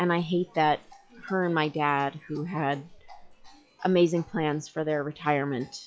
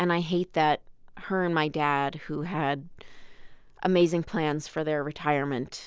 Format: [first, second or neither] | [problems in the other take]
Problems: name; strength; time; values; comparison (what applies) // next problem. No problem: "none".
second | noise reduction (classical method log-MMSE)